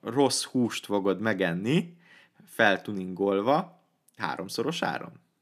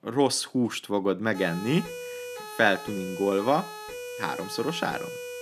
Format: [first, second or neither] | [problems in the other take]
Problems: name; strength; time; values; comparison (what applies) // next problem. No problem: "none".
first | siren; noticeable; from 1.5 s on; peak 10 dB below the speech